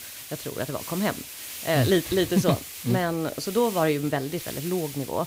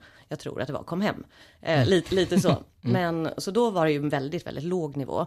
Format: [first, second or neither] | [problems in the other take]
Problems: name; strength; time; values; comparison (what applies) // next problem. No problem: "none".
second | hiss; noticeable; throughout; 10 dB below the speech